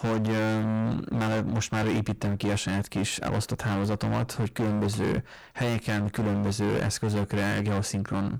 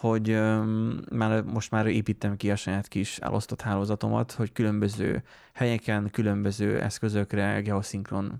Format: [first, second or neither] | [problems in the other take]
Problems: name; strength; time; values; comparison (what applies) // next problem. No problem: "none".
second | distortion; heavy; 26% of the sound clipped